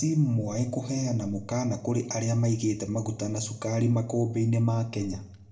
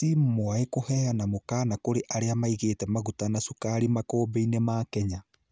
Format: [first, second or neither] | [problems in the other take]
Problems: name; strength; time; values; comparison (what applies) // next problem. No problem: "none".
second | room echo; dies away in 0.5 s